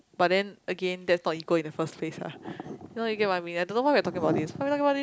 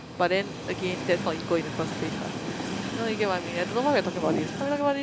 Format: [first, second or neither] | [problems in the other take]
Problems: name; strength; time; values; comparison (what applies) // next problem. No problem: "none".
first | background sound (Train); 6 dB below the speech